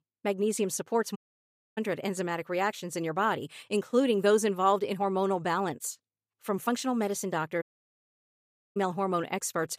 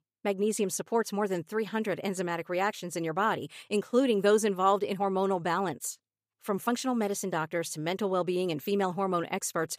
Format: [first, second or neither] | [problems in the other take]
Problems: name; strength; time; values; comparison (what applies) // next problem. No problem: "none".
second | audio cutting out; at 1 s for 0.5 s and at 7.5 s for 1 s